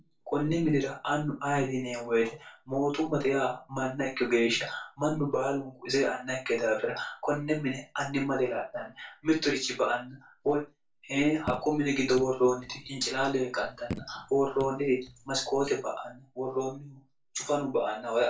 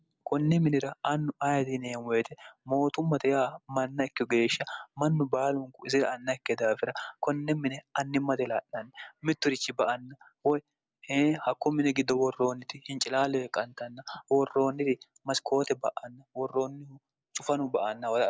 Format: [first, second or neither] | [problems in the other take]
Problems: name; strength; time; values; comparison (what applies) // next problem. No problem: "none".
second | background sound (Raindrop / Drip); 14 dB below the speech // room echo; dies away in 0.2 s